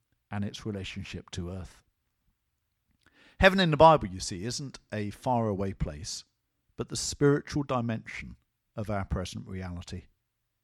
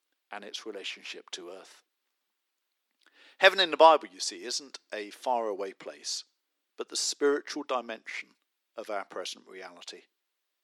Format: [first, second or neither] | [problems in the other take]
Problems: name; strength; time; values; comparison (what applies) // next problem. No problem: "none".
first | thin; somewhat; fading below 350 Hz